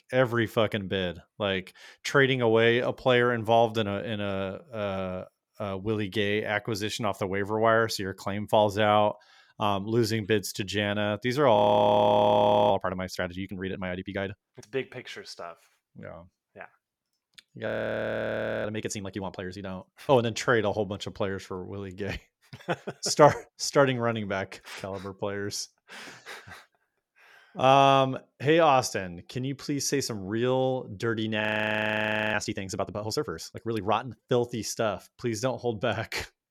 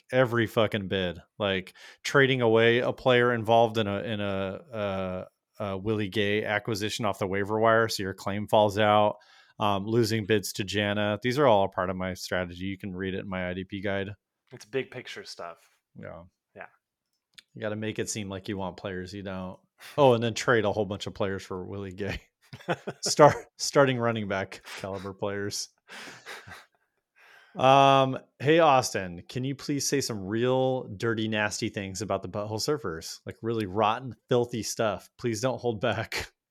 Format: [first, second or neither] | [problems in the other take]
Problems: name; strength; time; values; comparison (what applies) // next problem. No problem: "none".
second | audio freezing; at 12 s for 1 s, at 18 s for 1 s and at 31 s for 1 s